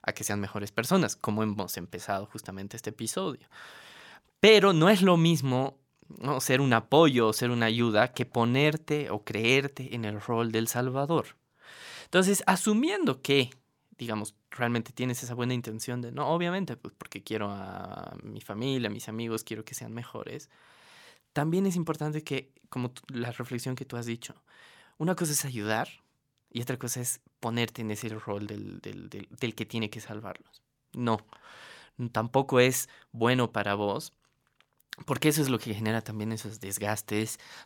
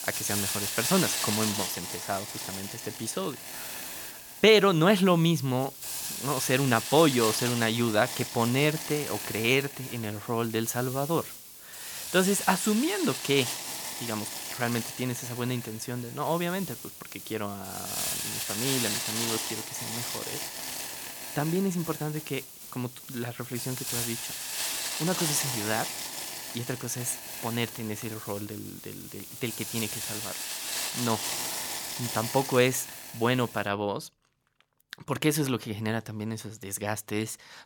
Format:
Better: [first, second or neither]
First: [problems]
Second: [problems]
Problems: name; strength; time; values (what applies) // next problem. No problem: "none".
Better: first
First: none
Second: hiss; loud; until 34 s; 4 dB below the speech